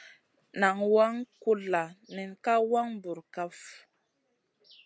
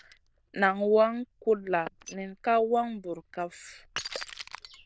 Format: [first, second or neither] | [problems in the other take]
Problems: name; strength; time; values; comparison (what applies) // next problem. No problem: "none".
first | noise reduction (neural diffusion model UNIVERSE++)